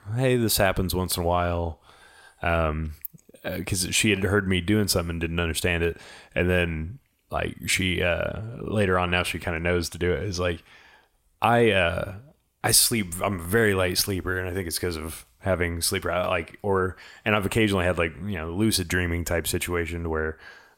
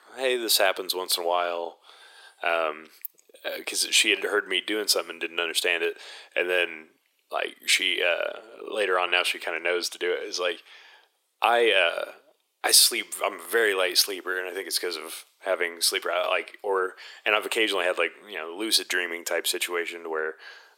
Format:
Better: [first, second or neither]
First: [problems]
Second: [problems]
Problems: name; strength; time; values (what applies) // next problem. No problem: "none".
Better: first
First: none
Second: thin; very; fading below 350 Hz